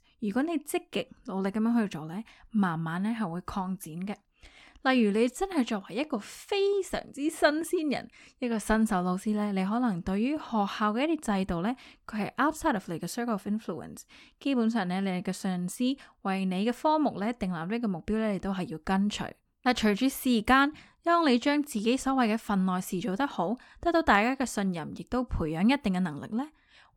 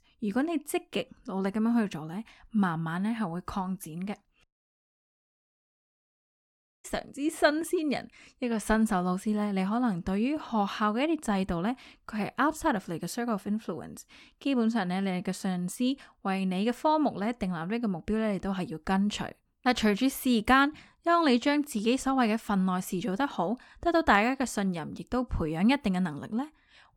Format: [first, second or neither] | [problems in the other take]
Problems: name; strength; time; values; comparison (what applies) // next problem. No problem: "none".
first | audio cutting out; at 4.5 s for 2.5 s